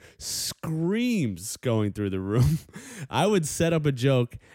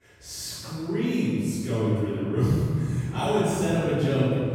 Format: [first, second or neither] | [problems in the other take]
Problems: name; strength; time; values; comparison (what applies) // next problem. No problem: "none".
first | off-mic speech; far // room echo; strong; dies away in 2.3 s